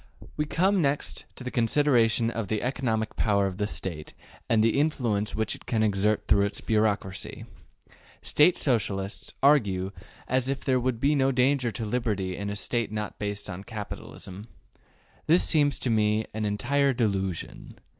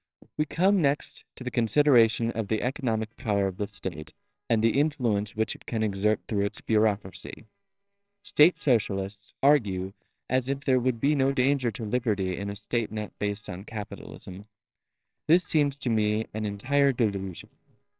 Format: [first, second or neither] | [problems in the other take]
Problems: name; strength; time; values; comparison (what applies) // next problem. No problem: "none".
first | noise reduction (neural separator model SepFormer WHAMR!)